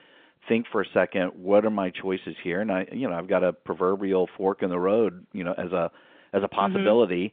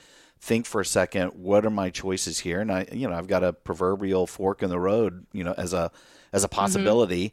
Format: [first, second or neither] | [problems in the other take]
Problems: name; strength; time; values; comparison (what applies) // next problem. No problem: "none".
second | phone-call audio